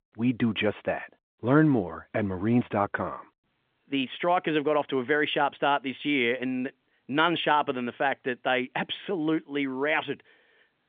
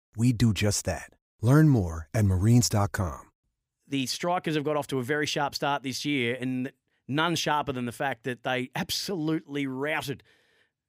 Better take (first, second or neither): second